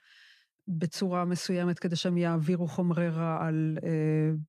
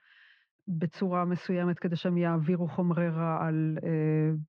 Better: first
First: none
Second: muffled; very; fading above 3 kHz

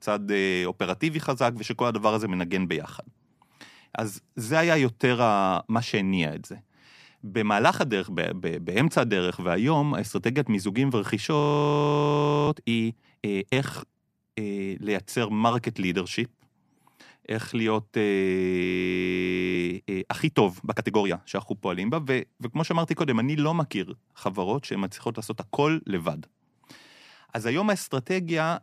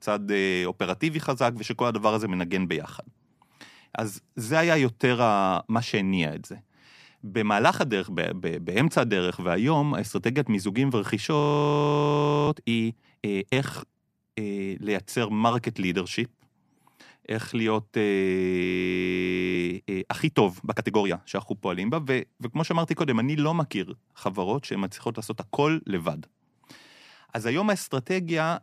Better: neither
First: audio freezing; at 11 s for 1 s and at 19 s for 1 s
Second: audio freezing; at 11 s for 1 s and at 19 s for 1 s

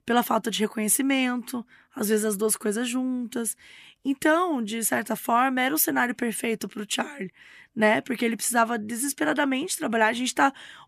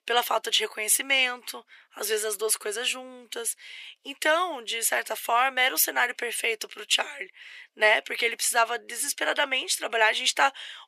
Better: first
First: none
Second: thin; very; fading below 450 Hz

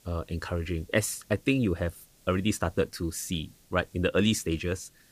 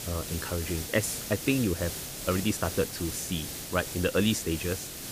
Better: first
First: hiss; faint; throughout; 30 dB below the speech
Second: hiss; loud; throughout; 5 dB below the speech

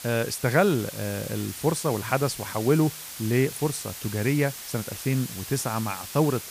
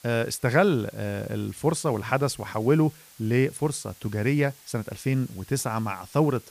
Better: second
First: hiss; loud; throughout; 10 dB below the speech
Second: hiss; faint; throughout; 25 dB below the speech

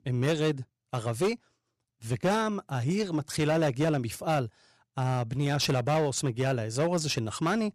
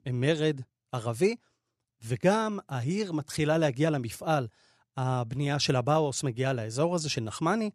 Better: second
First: distortion; slight; 10% of the sound clipped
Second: none

